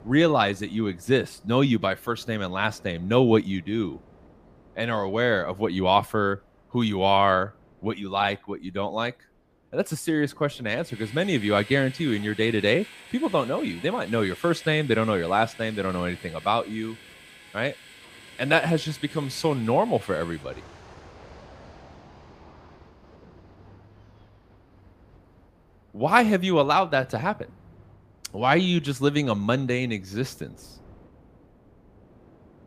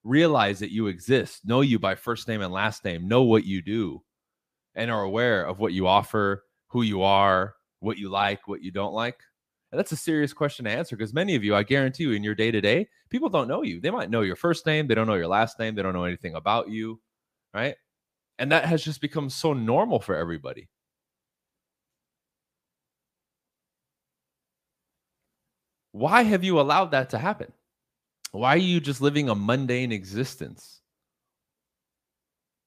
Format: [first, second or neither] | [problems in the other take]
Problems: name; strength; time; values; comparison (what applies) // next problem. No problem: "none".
second | train or aircraft noise; faint; throughout; 20 dB below the speech